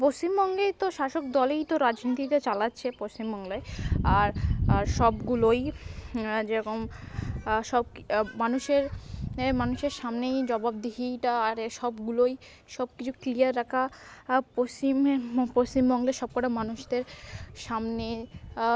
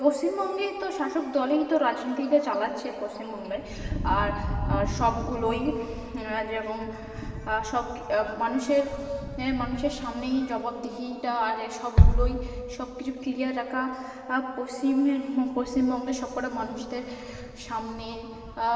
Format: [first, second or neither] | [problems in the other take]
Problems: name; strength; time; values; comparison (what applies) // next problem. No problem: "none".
first | background sound (Bass drum); 2 dB above the speech // room echo; dies away in 2.7 s